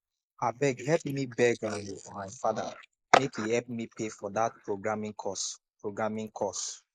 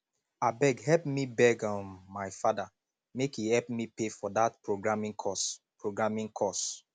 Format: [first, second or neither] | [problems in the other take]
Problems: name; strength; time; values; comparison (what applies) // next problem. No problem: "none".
second | noise reduction (neural mask model Resemble Enhance denoiser)